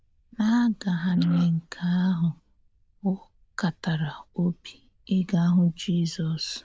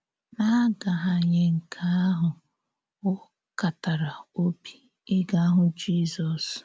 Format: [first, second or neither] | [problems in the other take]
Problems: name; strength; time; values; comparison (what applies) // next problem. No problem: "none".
second | noise reduction (neural diffusion model UNIVERSE++)